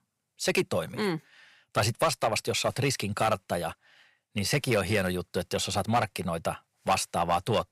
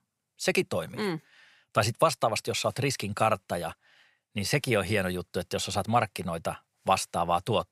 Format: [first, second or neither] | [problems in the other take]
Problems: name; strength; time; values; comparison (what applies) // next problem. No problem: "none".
second | distortion; slight; 3% of the sound clipped